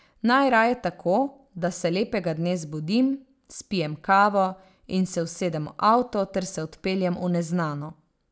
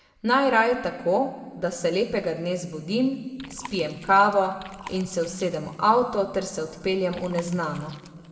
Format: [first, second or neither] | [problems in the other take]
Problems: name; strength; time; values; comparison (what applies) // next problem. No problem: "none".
first | background sound (Chewing, mastication); 20 dB below the speech // room echo; dies away in 1.6 s